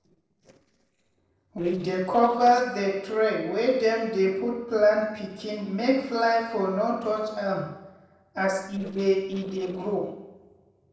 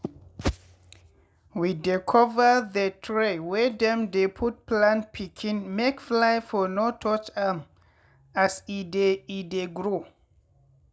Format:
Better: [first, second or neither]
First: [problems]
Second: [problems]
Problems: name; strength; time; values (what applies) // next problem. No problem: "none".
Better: second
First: noise reduction (neural separator model SepFormer DNS4)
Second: none